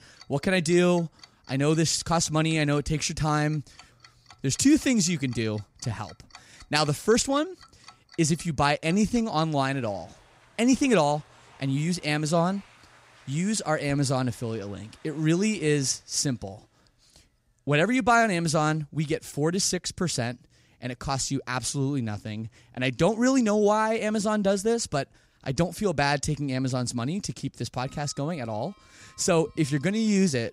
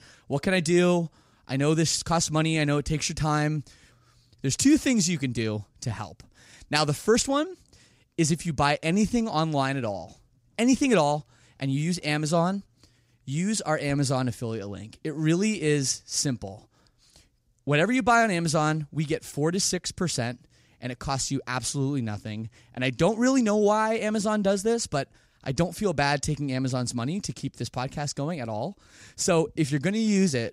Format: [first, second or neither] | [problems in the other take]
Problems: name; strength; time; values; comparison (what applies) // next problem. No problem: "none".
second | household noises; faint; throughout; 30 dB below the speech